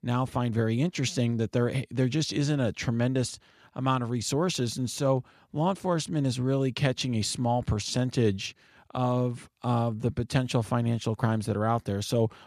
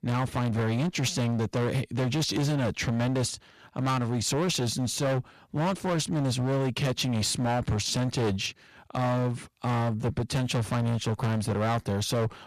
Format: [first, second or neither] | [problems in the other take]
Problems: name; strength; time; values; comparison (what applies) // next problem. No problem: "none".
first | distortion; heavy; 24% of the sound clipped